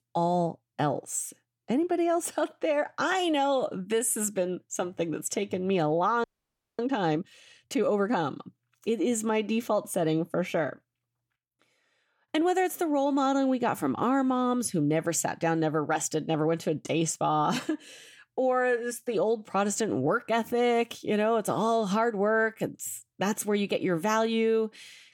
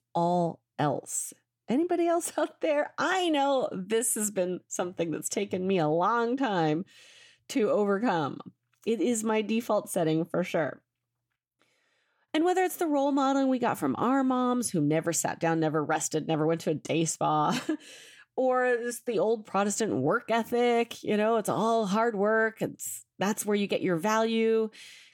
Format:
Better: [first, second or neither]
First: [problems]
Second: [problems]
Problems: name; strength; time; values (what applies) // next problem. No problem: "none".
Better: second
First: audio freezing; at 6 s for 0.5 s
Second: none